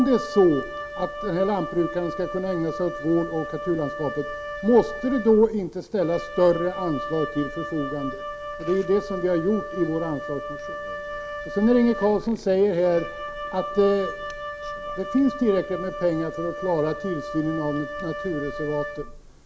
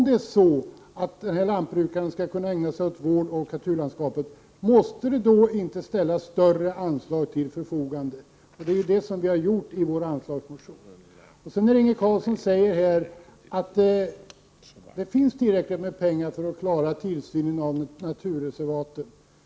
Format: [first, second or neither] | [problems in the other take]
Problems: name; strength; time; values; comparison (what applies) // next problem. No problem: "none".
second | background sound (Wind instrument, woodwind instrument); 9 dB below the speech